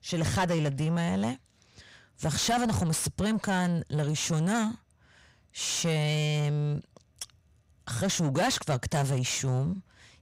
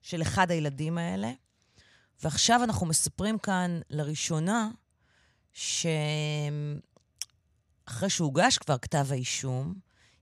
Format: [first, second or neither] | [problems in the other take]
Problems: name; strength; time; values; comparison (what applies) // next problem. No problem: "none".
second | distortion; heavy; 6 dB below the speech